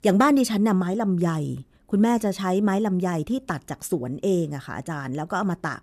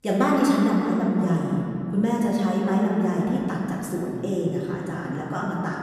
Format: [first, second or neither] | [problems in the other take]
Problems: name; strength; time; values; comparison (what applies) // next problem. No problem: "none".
first | off-mic speech; far // room echo; noticeable; dies away in 2.5 s